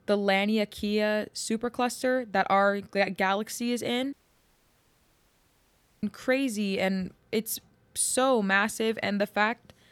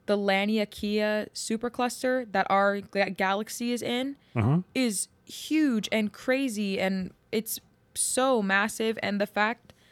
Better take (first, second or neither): second